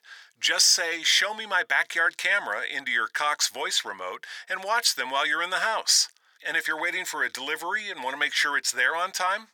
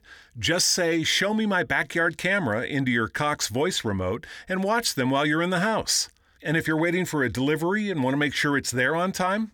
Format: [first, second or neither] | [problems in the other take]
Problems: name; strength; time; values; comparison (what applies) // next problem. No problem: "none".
second | thin; very; fading below 950 Hz